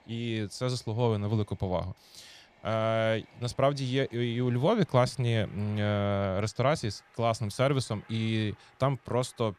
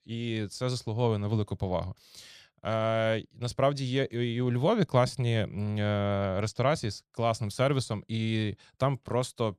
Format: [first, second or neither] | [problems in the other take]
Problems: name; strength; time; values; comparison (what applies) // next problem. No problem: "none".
second | train or aircraft noise; faint; throughout; 30 dB below the speech